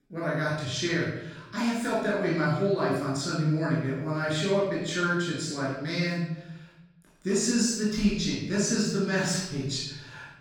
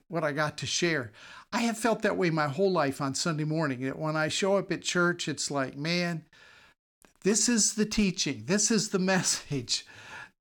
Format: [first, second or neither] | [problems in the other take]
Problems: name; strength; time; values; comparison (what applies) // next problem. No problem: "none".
second | off-mic speech; far // room echo; noticeable; dies away in 0.9 s